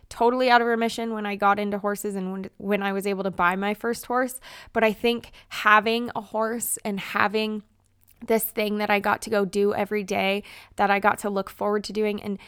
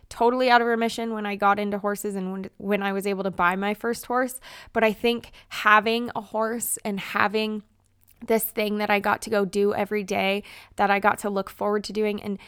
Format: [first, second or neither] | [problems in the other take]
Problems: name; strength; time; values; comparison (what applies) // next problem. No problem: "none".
neither | none